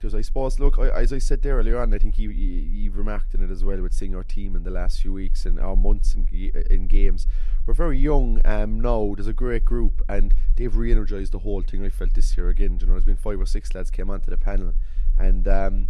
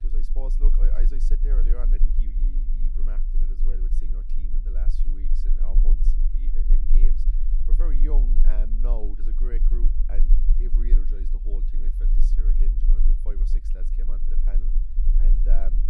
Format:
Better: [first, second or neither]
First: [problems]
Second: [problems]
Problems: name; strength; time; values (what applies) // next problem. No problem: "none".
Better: first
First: low rumble; faint; throughout; 25 dB below the speech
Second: low rumble; loud; throughout; 5 dB below the speech